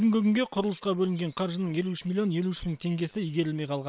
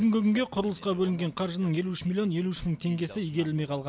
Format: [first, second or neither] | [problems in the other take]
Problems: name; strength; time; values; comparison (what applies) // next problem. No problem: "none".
second | noise reduction (neural separator model SepFormer WHAM!)